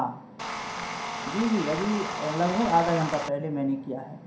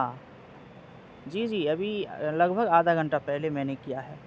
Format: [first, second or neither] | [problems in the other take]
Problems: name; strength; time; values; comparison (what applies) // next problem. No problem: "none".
second | background sound (Tools); 5 dB below the speech // room echo; dies away in 0.5 s